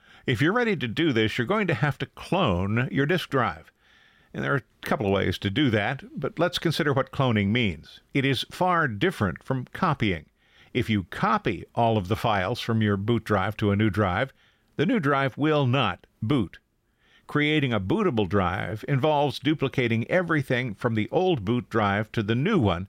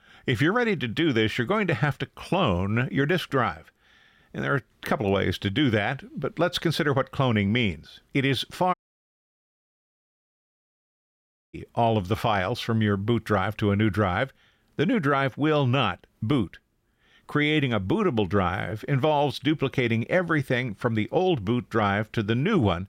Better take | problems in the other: first | audio cutting out; at 8.5 s for 3 s

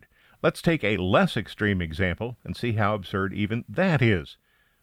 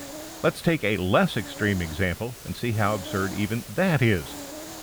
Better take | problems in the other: first | hiss; noticeable; throughout; 15 dB below the speech

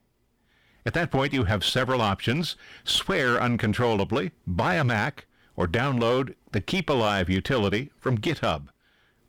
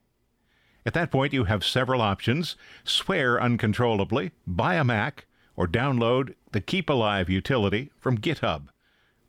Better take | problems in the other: second | distortion; slight; 8% of the sound clipped

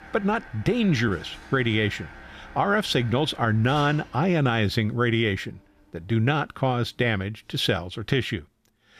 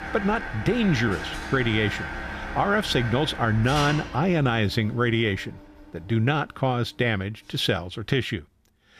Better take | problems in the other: first | machinery noise; loud; throughout; 9 dB below the speech; faint in the first

